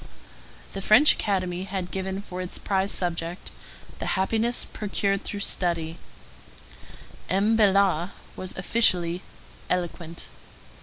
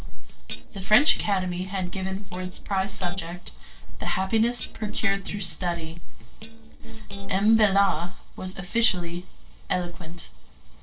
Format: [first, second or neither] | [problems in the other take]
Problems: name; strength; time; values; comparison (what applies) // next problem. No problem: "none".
first | noise reduction (neural separator model SepFormer DNS4)